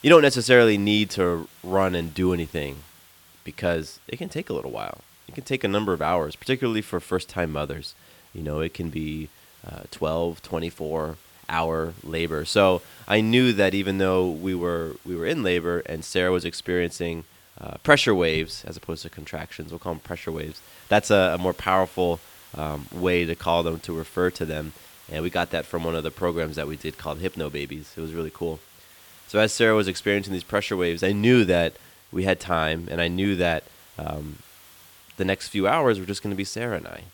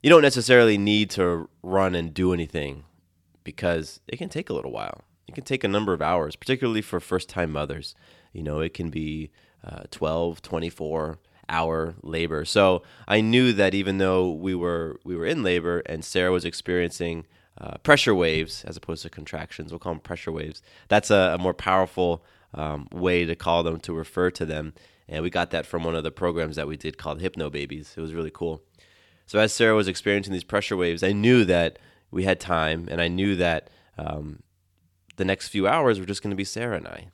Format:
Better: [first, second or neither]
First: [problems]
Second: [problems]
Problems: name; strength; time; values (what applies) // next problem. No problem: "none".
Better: second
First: hiss; faint; throughout; 25 dB below the speech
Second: none